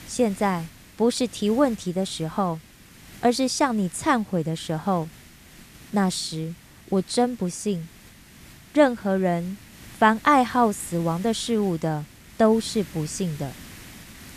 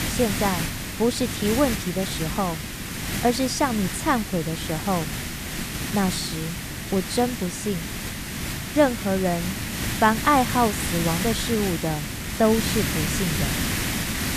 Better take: first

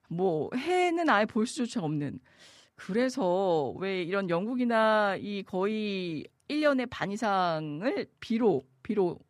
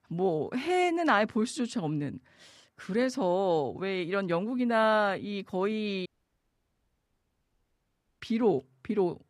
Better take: first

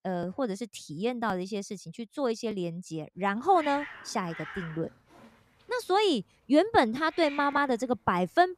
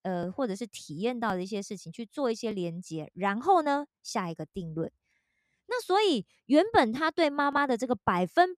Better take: second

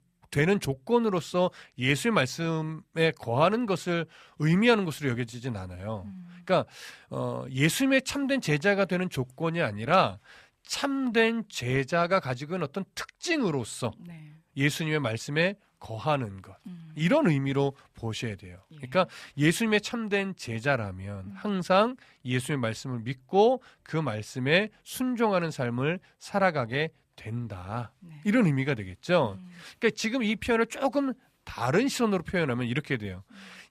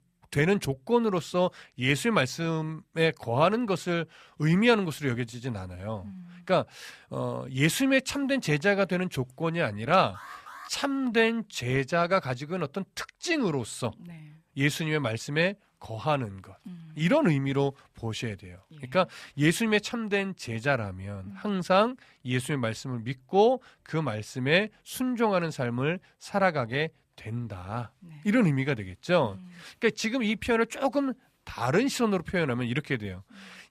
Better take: first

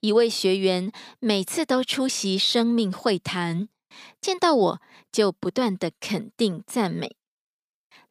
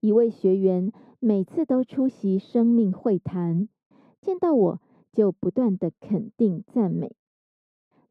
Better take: first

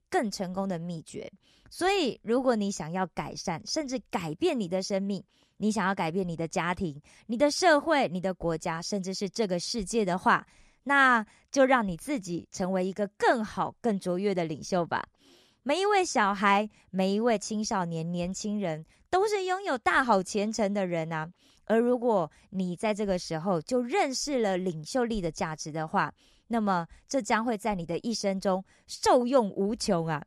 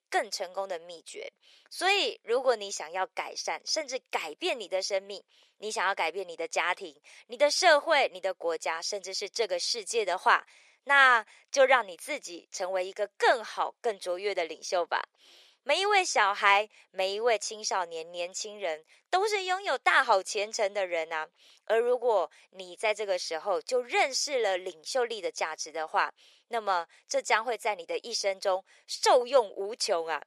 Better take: first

